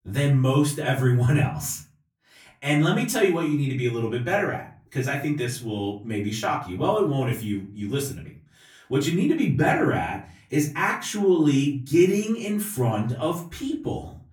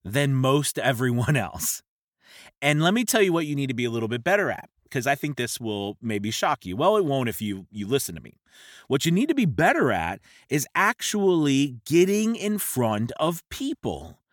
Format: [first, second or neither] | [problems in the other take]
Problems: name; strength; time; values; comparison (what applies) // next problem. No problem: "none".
second | off-mic speech; far // room echo; slight; dies away in 0.4 s